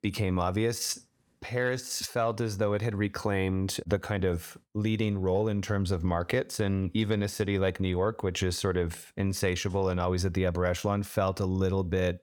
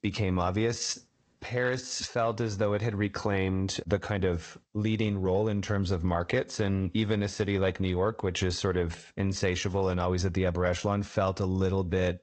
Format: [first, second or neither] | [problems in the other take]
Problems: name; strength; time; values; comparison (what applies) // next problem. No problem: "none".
first | garbled, watery; slightly